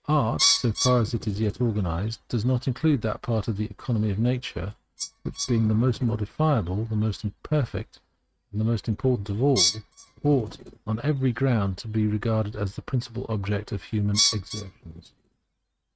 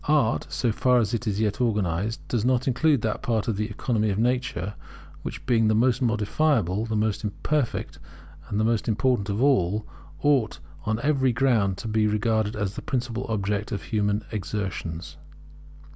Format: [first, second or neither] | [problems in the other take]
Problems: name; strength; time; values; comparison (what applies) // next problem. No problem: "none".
second | noise reduction (neural mask model RNNoise)